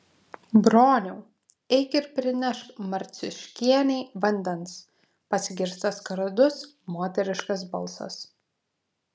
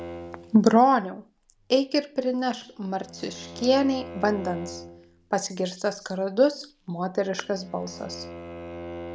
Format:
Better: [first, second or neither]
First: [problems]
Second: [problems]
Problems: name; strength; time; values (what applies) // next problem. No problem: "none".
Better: first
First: none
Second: background sound (Bowed string instrument); 16 dB below the speech